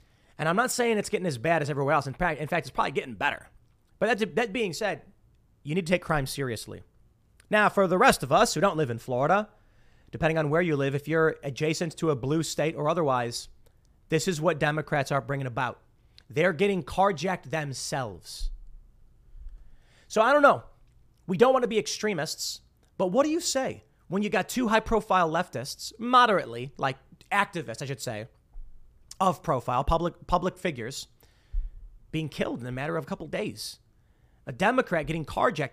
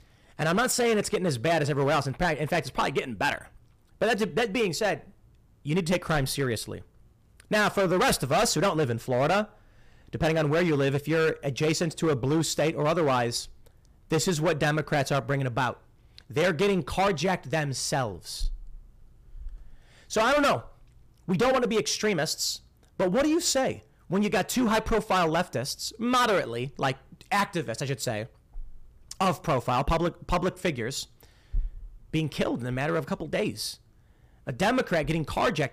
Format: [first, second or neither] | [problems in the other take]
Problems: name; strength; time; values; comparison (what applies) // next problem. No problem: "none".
first | distortion; heavy; 10% of the sound clipped